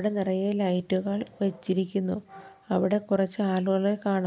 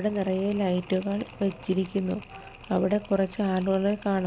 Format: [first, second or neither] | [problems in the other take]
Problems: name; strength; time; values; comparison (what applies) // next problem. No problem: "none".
first | background sound (Mechanisms); 19 dB below the speech